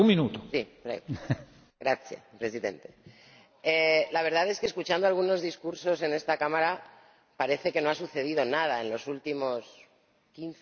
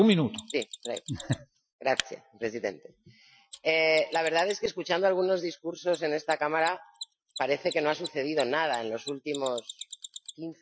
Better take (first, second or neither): first